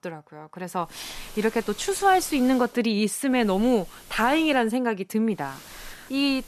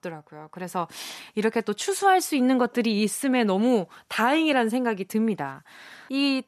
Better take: second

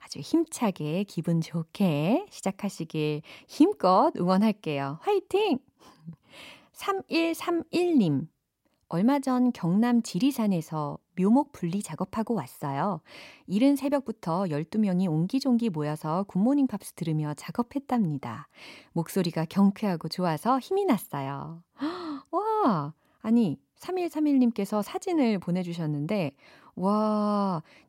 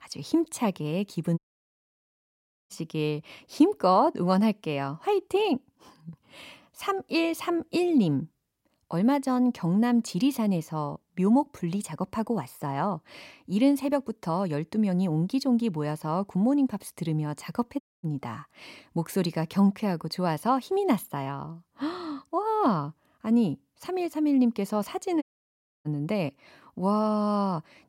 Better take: first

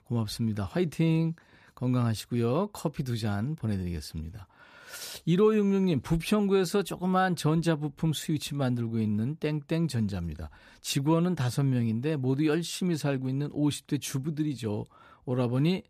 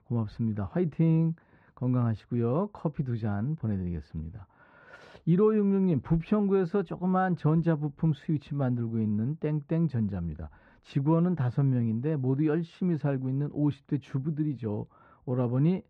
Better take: first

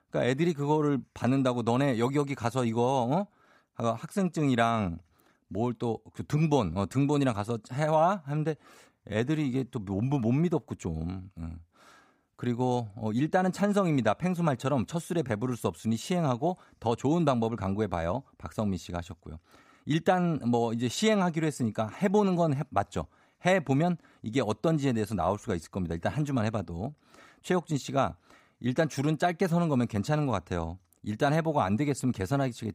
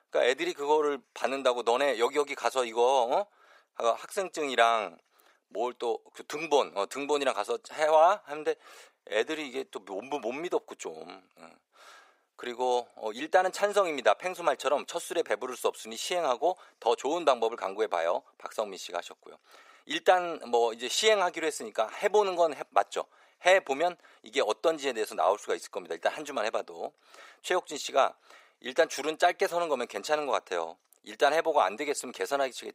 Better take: first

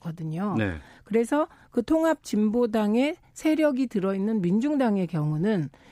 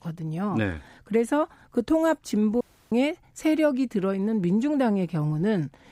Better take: first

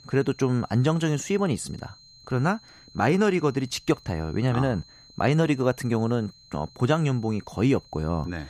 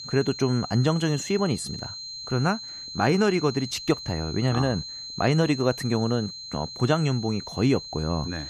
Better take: first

